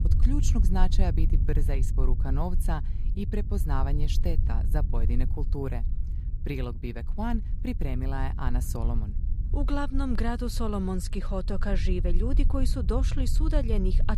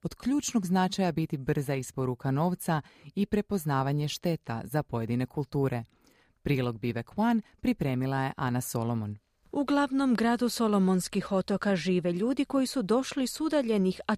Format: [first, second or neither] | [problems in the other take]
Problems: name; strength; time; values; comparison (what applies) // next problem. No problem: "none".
second | low rumble; noticeable; throughout; 10 dB below the speech